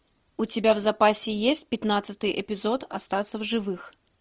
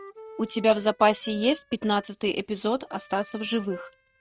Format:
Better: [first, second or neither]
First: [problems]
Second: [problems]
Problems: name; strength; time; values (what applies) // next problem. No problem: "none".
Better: first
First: none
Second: noise reduction (neural mask model RNNoise)